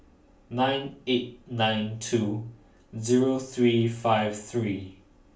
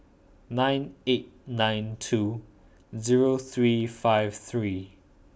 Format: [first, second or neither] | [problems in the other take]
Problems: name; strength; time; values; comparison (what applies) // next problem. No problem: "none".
second | room echo; dies away in 0.4 s